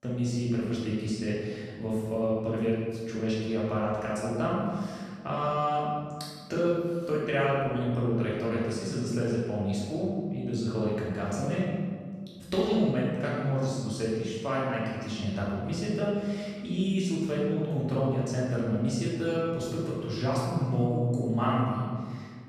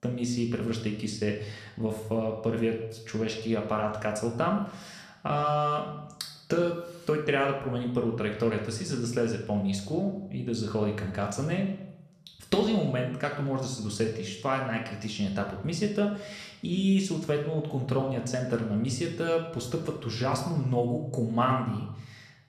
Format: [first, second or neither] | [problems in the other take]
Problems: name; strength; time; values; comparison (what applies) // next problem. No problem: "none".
second | room echo; strong; dies away in 1.7 s; slight in the second // off-mic speech; far; somewhat distant in the second